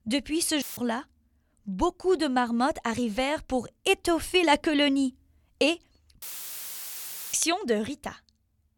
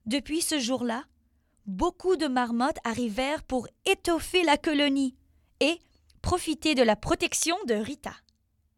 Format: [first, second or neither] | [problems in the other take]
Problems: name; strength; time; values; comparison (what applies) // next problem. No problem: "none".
second | audio cutting out; filled with static; at 0.5 s and at 6 s for 1 s